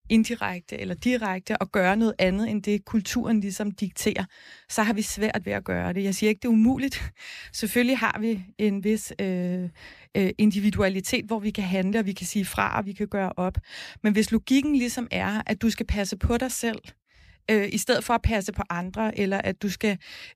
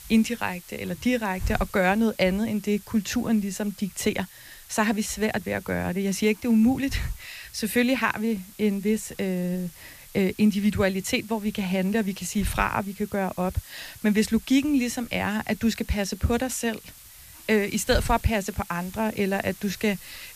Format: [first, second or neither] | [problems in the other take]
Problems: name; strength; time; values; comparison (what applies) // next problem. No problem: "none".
first | hiss; noticeable; throughout; 15 dB below the speech